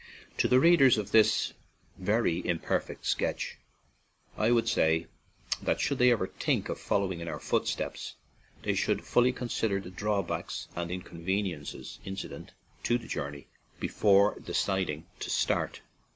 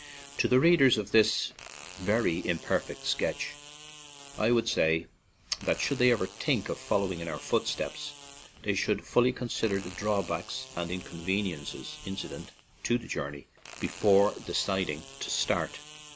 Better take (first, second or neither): first